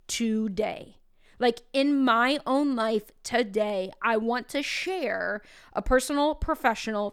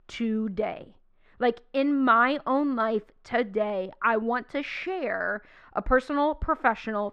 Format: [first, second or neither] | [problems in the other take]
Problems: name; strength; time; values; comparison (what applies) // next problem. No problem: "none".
first | muffled; very; fading above 2.5 kHz